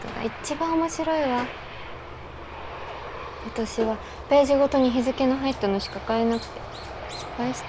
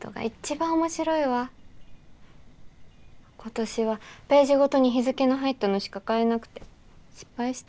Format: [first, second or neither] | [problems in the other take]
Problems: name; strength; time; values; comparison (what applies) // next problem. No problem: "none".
second | background sound (Aircraft + Squeak); 10 dB below the speech